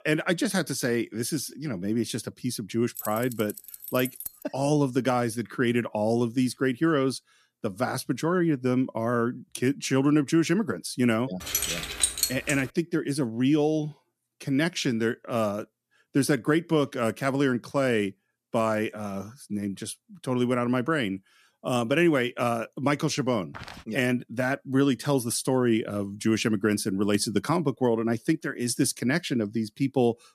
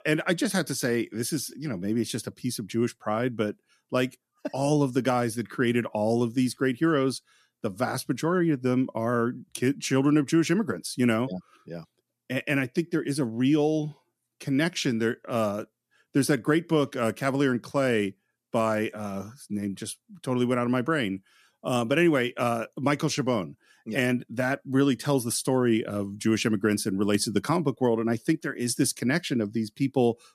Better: second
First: jangling keys; noticeable; from 3 to 4.5 s; peak 9 dB below the speech // jangling keys; loud; from 11 to 13 s; peak 3 dB above the speech // footsteps; faint; at 24 s; peak 15 dB below the speech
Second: none

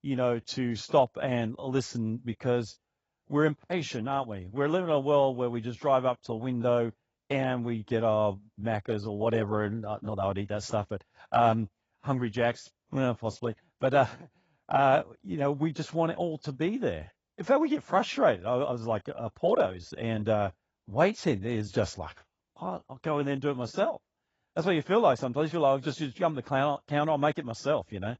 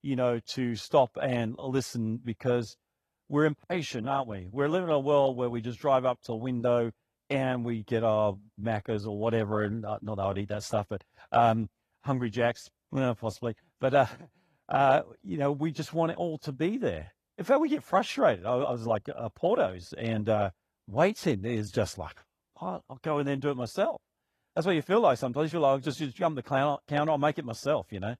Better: second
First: garbled, watery; badly; nothing above 7.5 kHz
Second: garbled, watery; slightly; nothing above 14.5 kHz

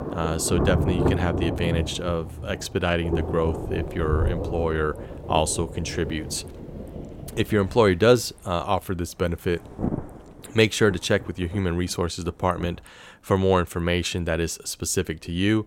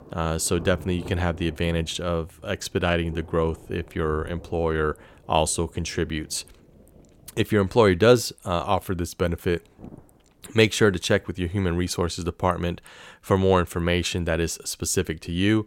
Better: second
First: rain or running water; loud; throughout; 6 dB below the speech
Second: rain or running water; faint; throughout; 20 dB below the speech

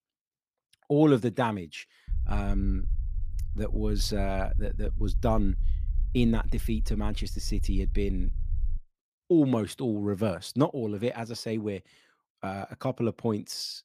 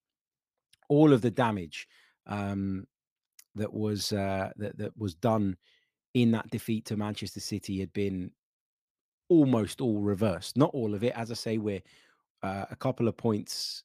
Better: second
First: low rumble; faint; from 2 to 9 s; 25 dB below the speech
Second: none

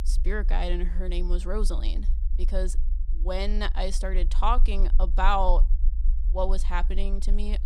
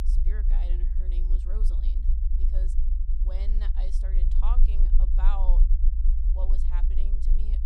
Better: first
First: low rumble; faint; throughout; 20 dB below the speech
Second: low rumble; loud; throughout; 5 dB below the speech

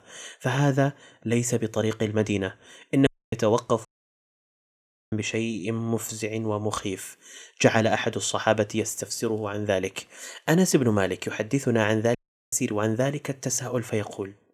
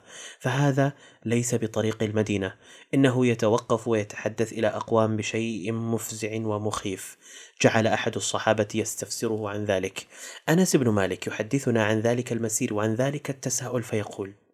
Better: second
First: audio cutting out; at 3 s, at 4 s for 1.5 s and at 12 s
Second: none

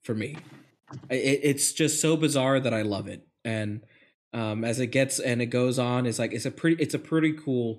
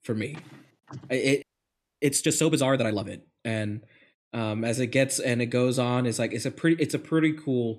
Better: first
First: none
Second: audio freezing; at 1.5 s for 0.5 s

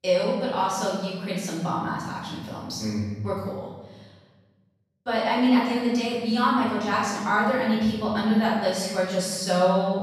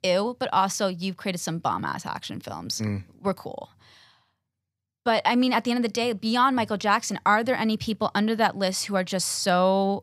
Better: second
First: off-mic speech; far // room echo; strong; dies away in 1.2 s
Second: none

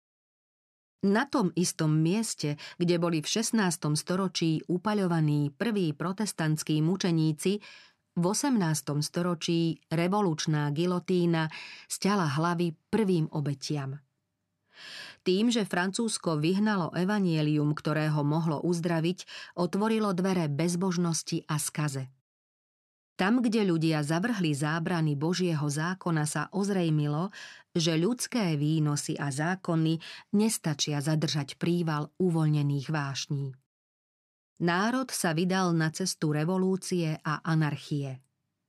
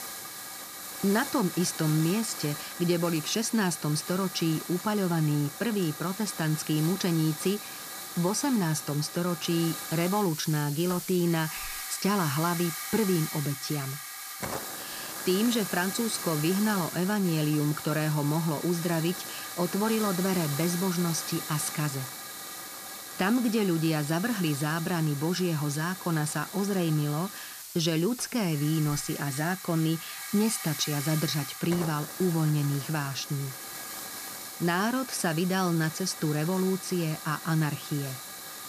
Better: first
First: none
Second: hiss; loud; throughout; 8 dB below the speech

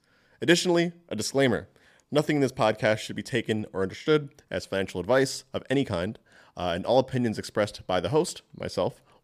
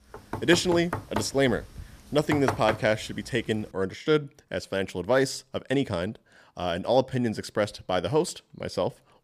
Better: first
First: none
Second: door banging; noticeable; until 3 s; peak 2 dB below the speech

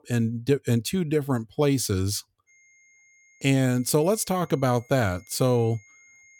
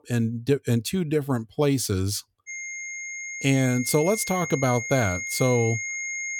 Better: first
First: high-pitched whine; faint; from 2.5 s on; 2 kHz, 30 dB below the speech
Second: high-pitched whine; loud; from 2.5 s on; 2 kHz, 6 dB below the speech

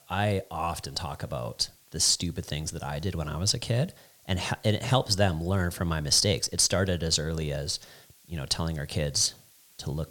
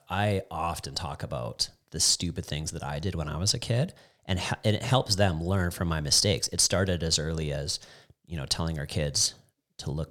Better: second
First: hiss; faint; throughout; 30 dB below the speech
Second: none

